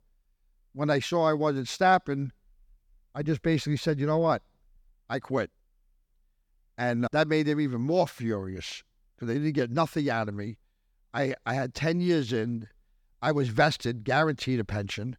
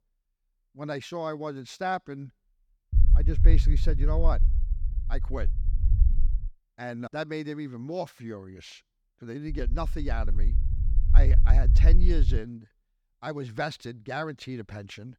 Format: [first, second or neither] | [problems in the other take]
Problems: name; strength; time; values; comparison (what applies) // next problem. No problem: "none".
first | low rumble; noticeable; from 3 to 6.5 s and from 9.5 to 12 s; 10 dB below the speech